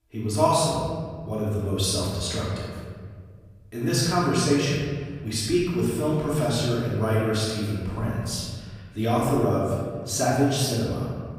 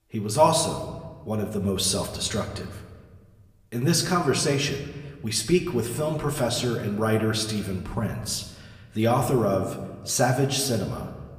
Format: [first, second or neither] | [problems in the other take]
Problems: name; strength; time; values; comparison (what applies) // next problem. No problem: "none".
second | room echo; strong; dies away in 1.8 s; slight in the second // off-mic speech; far; somewhat distant in the second